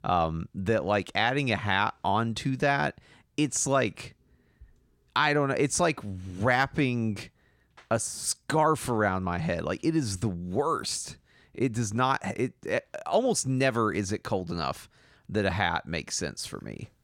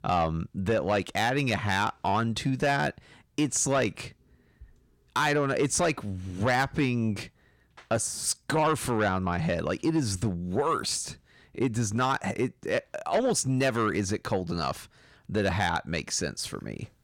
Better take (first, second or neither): first